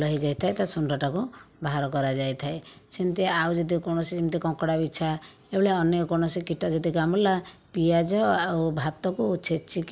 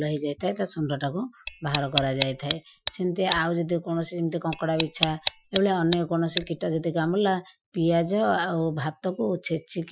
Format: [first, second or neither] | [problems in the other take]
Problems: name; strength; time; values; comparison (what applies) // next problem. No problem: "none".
first | noise reduction (classical method Wiener filter)